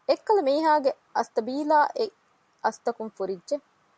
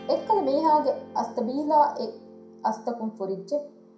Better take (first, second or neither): first